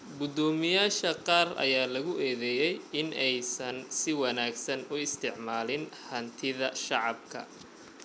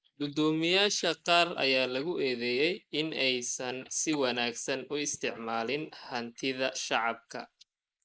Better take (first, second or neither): first